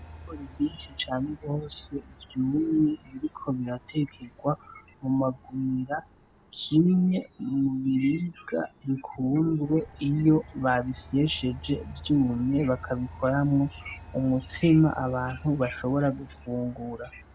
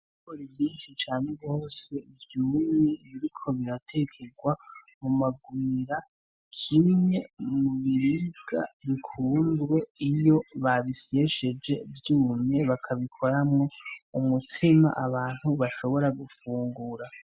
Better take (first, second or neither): second